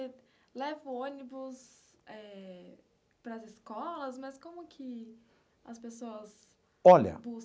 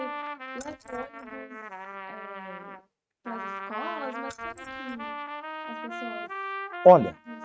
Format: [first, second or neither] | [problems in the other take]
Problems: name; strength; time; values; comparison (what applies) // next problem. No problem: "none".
first | noise reduction (neural mask model RNNoise)